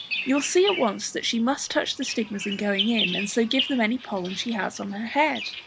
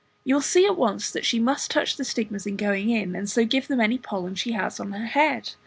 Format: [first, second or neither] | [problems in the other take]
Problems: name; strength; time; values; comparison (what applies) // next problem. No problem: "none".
second | background sound (Bird vocalization, bird call, bird song); 8 dB below the speech